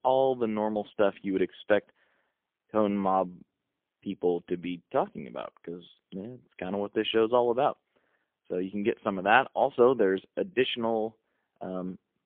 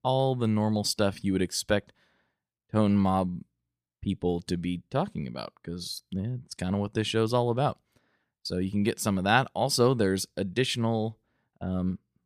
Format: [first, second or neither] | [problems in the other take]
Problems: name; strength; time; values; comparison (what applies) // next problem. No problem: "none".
second | phone-call audio; poor line; nothing above 3.5 kHz